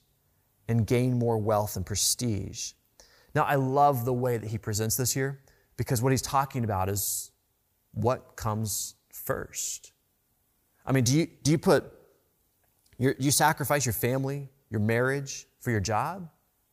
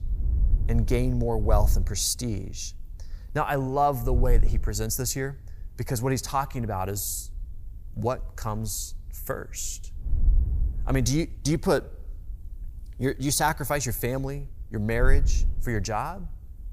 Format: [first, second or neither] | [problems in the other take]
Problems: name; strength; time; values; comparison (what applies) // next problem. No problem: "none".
first | wind noise on the microphone; occasional gusts; 20 dB below the speech